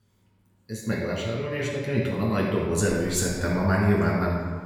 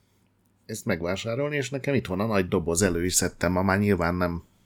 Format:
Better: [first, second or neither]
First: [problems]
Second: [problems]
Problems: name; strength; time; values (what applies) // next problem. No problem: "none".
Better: second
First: off-mic speech; far // room echo; noticeable; dies away in 1.5 s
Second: none